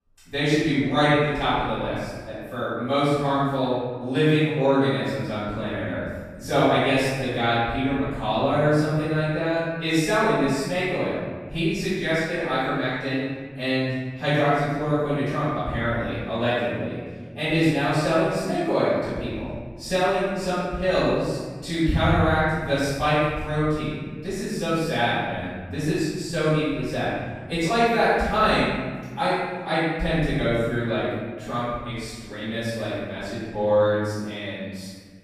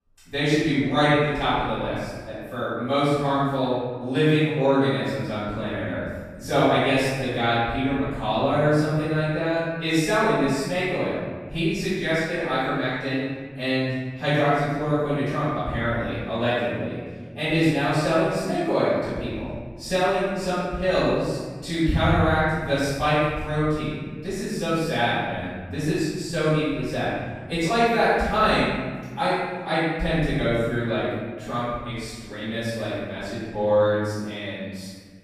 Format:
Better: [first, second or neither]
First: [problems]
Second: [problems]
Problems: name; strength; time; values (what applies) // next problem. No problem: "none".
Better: neither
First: off-mic speech; far // room echo; strong; dies away in 1.4 s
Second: off-mic speech; far // room echo; strong; dies away in 1.4 s